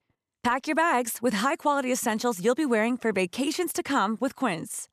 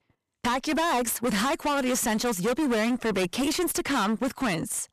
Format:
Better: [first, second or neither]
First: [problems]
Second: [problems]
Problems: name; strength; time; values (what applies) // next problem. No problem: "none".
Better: first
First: none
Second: distortion; heavy; 28% of the sound clipped